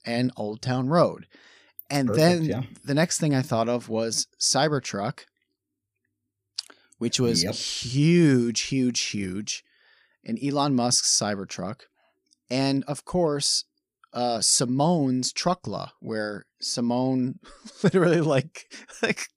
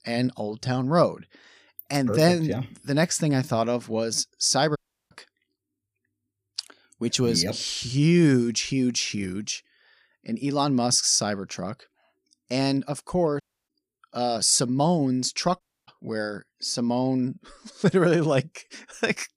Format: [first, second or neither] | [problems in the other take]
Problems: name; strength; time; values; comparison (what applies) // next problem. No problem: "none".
first | audio cutting out; at 5 s, at 13 s and at 16 s